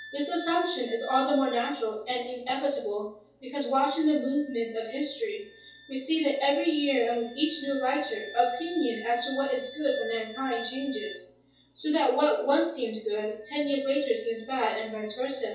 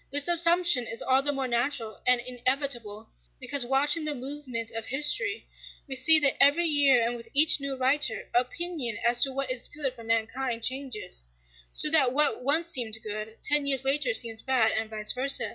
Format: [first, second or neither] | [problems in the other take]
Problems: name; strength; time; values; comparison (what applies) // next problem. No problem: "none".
second | background sound (Wind instrument, woodwind instrument); 17 dB below the speech // room echo; dies away in 0.6 s